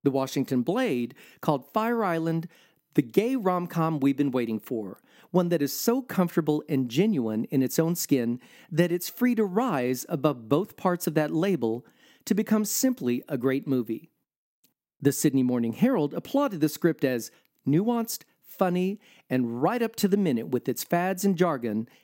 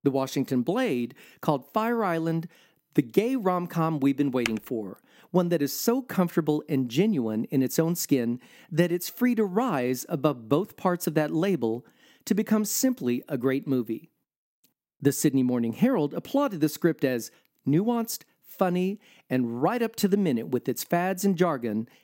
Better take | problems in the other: first | keyboard typing; very faint; at 4.5 s; peak 7 dB below the speech

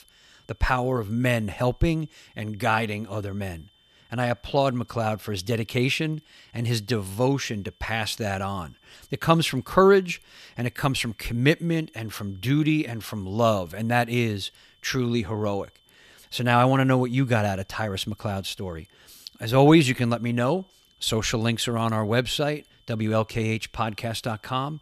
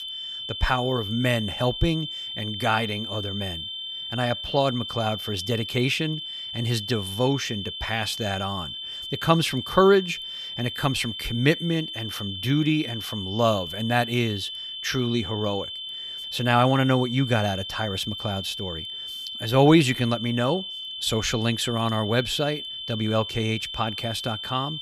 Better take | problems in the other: first | high-pitched whine; loud; throughout; 3 kHz, 7 dB below the speech; faint in the first

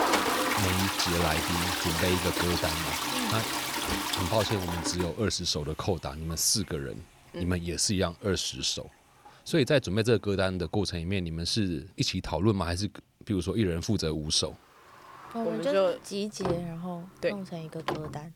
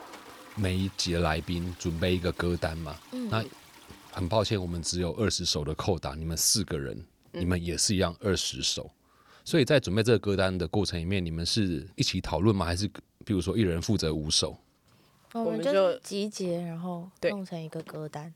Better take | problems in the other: second | household noises; loud; throughout; as loud as the speech; faint in the second

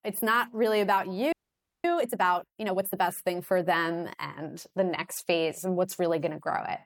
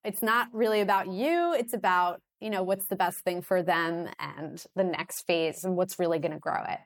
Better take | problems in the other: second | audio freezing; at 1.5 s for 0.5 s

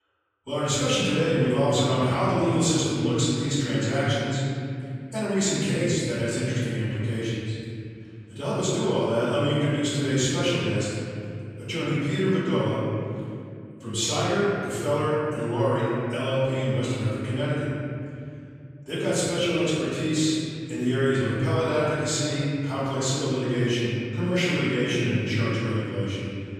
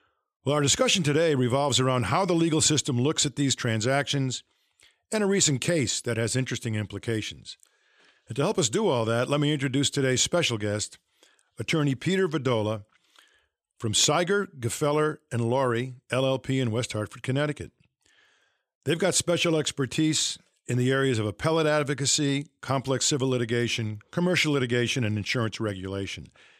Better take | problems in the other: second | room echo; strong; dies away in 2.7 s // off-mic speech; far

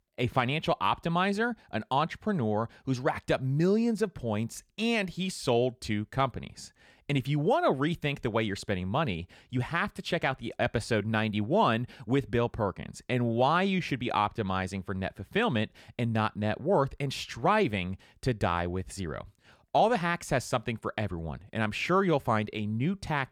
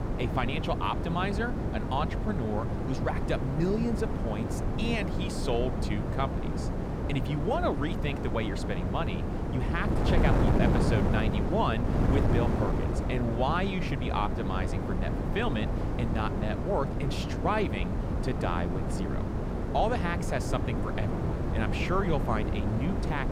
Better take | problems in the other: first | wind noise on the microphone; heavy; 3 dB below the speech

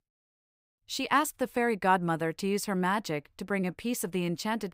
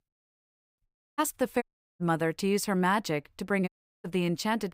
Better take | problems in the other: first | audio cutting out; at 1 s, at 1.5 s and at 3.5 s

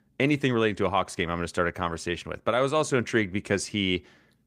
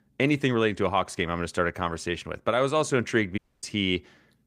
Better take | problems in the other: first | audio cutting out; at 3.5 s

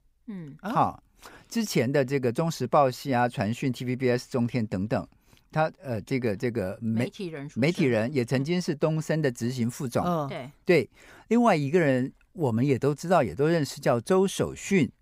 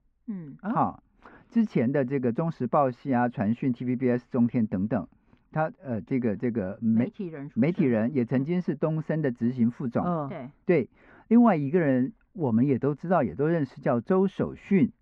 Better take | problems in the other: first | muffled; very; fading above 1.5 kHz

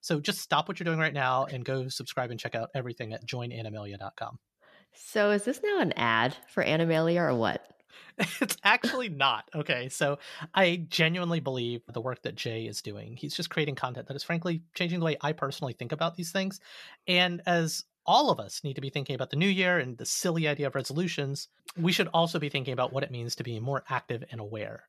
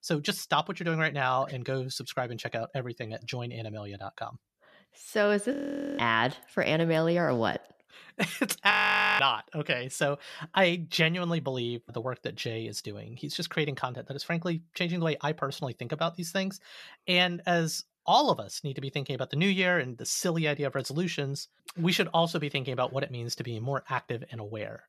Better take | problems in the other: first | audio freezing; at 5.5 s and at 8.5 s

